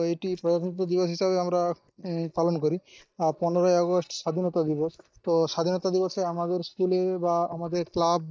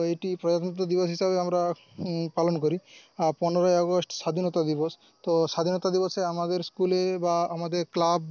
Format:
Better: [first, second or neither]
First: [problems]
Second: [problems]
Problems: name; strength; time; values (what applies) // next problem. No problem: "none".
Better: second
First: noise reduction (neural mask model DeepFilterNet 3)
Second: none